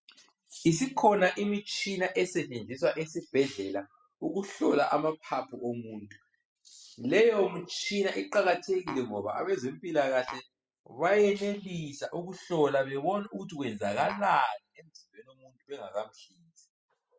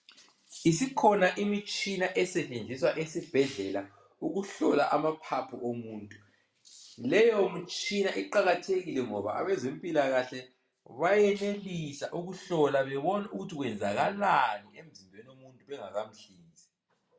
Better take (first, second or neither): second